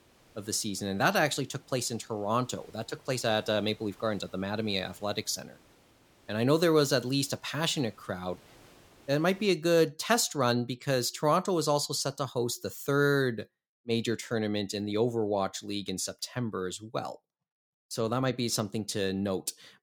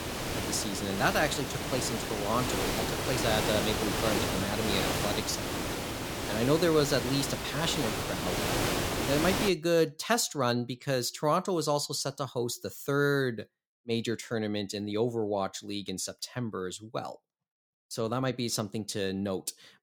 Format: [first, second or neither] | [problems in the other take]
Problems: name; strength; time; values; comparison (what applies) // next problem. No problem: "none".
first | hiss; loud; until 9.5 s; 1 dB below the speech; faint in the first